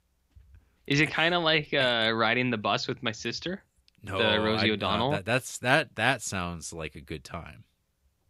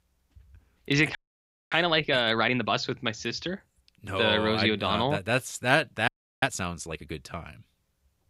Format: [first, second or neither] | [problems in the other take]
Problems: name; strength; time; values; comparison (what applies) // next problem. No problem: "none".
first | audio freezing; at 1 s for 0.5 s and at 6 s